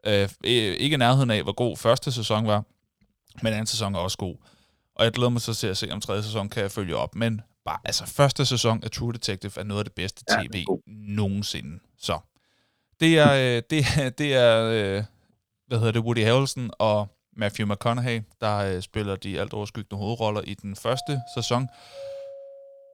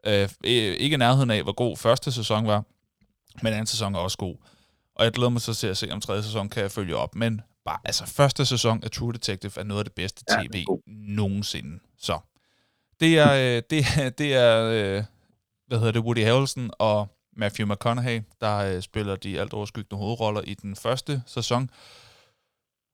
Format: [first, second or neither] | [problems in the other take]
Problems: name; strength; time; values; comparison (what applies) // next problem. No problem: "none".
second | doorbell; faint; from 21 s on; peak 15 dB below the speech